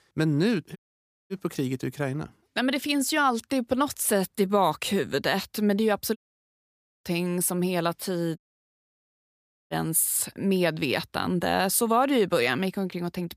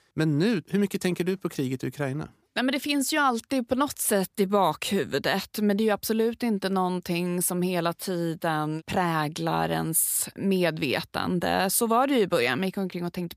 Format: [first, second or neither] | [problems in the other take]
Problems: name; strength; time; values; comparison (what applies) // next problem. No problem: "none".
second | audio cutting out; at 1 s for 0.5 s, at 6 s for 1 s and at 8.5 s for 1.5 s